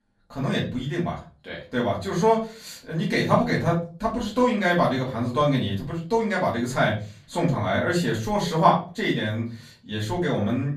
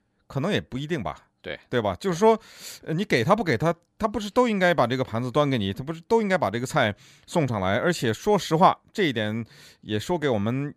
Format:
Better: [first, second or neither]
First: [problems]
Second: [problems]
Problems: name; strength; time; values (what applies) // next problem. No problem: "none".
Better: second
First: off-mic speech; far // room echo; slight; dies away in 0.3 s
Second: none